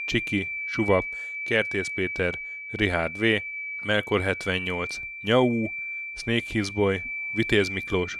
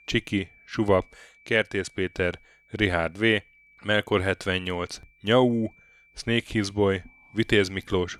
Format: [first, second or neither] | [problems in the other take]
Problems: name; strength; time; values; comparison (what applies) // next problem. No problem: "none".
second | high-pitched whine; loud; throughout; 2.5 kHz, 5 dB below the speech; faint in the second